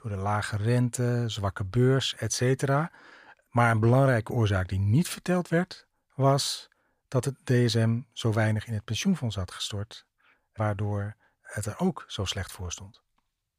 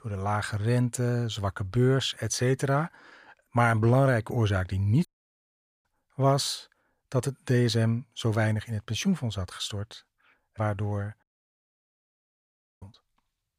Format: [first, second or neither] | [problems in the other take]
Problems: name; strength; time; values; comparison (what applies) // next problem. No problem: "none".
first | audio cutting out; at 5 s for 1 s and at 11 s for 1.5 s